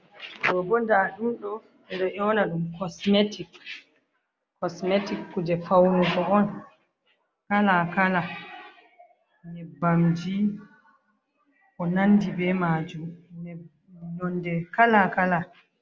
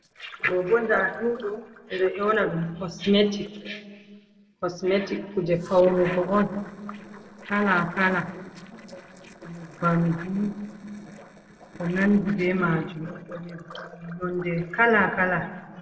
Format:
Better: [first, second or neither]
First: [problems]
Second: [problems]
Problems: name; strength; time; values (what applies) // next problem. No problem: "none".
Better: first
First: none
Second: noise reduction (neural separator model SepFormer DNS4)